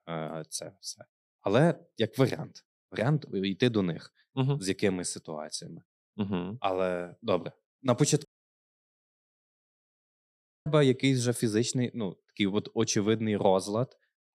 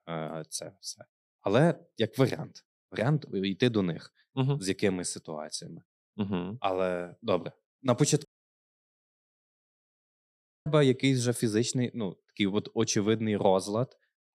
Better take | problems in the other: neither | audio cutting out; at 8.5 s for 2.5 s; the same in both

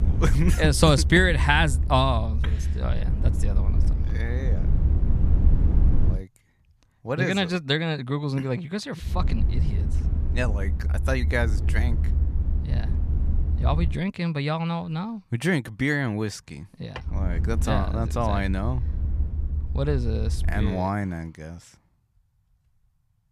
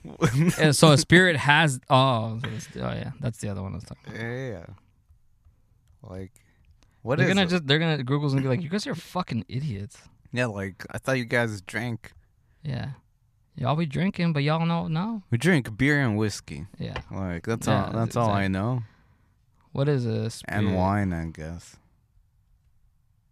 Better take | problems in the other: second | low rumble; noticeable; until 6 s, from 9 to 14 s and from 17 to 21 s; 15 dB below the speech

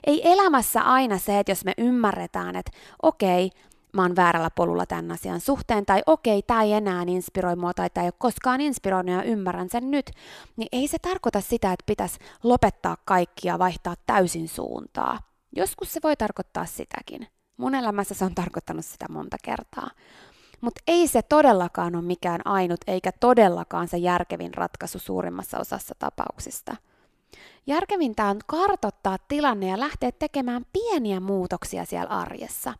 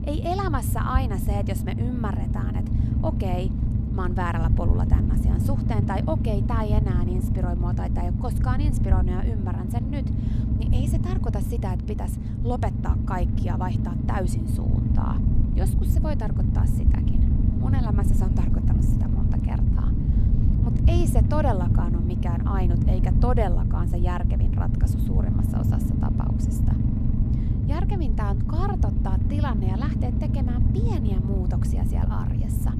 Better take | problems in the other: first | low rumble; loud; throughout; 2 dB below the speech

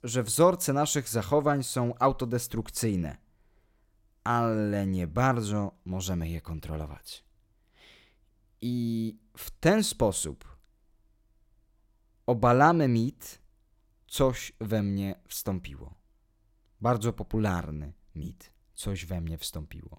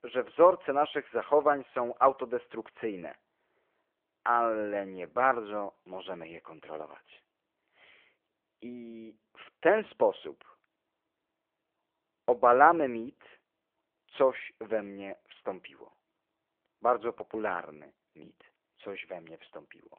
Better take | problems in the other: first | phone-call audio; nothing above 3 kHz

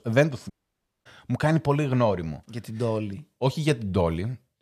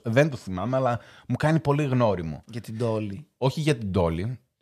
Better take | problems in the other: second | audio cutting out; at 0.5 s for 0.5 s

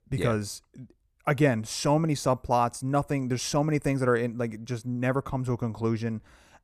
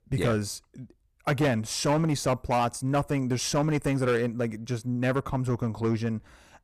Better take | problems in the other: first | distortion; slight; 6% of the sound clipped

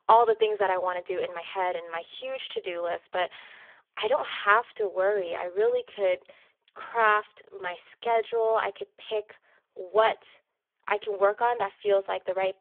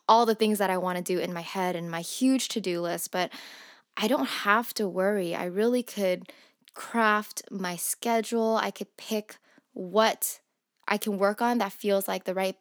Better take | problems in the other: second | phone-call audio; poor line

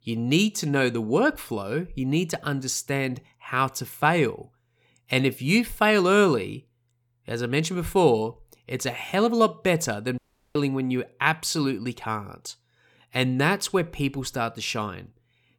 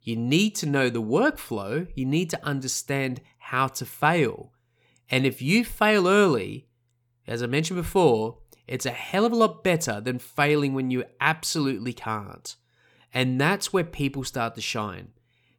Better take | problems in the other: second | audio cutting out; at 10 s

